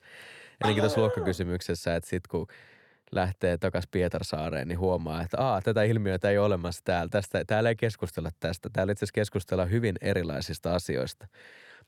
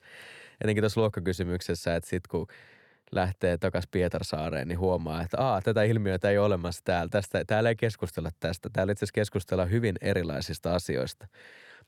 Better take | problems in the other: second | dog barking; noticeable; at 0.5 s; peak 1 dB below the speech

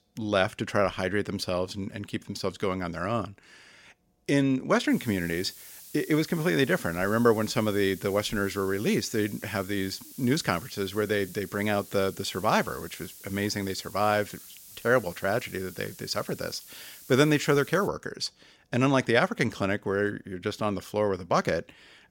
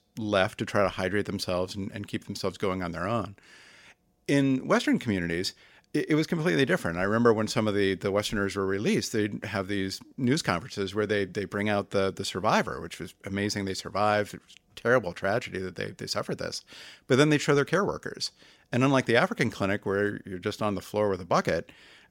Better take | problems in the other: second | hiss; noticeable; from 5 to 18 s; 15 dB below the speech

